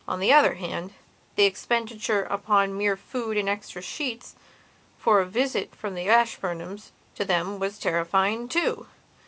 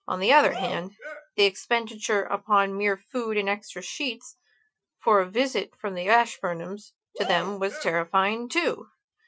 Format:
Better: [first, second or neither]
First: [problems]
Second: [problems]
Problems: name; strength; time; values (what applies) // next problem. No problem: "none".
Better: first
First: none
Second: noise reduction (classical method Wiener filter)